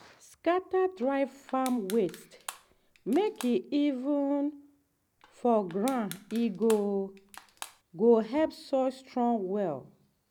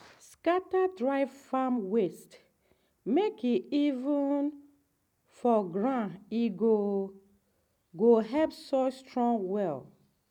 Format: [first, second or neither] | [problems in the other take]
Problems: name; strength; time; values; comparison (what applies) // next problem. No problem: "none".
second | background sound (Crushing); 18 dB below the speech